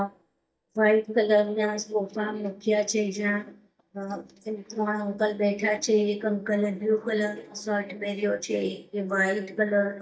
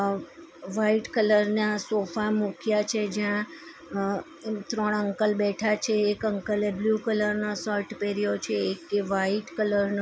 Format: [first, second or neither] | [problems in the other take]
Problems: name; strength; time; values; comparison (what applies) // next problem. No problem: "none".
second | noise reduction (neural mask model DeepFilterNet 3)